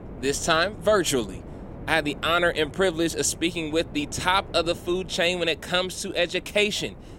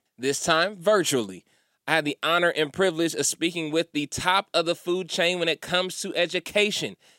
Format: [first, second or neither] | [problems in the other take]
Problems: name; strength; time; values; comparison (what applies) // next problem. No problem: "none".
second | wind noise on the microphone; occasional gusts; 20 dB below the speech